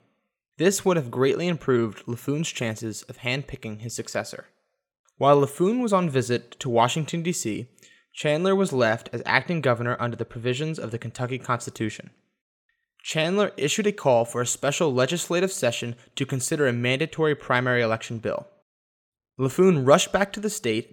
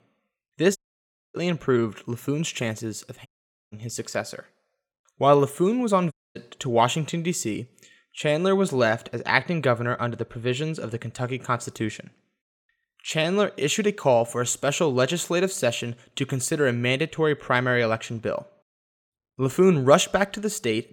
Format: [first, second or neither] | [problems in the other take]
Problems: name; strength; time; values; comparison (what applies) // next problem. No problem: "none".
first | audio cutting out; at 1 s for 0.5 s, at 3.5 s and at 6 s